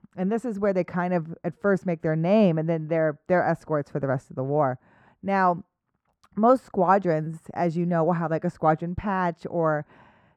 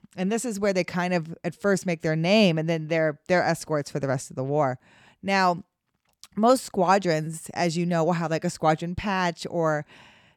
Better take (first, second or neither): second